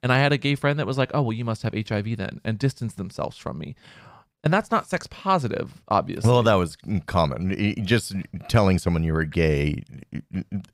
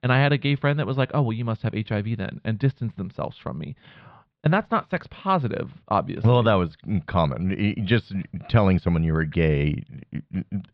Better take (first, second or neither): first